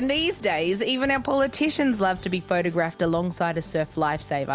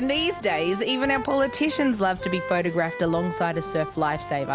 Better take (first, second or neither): first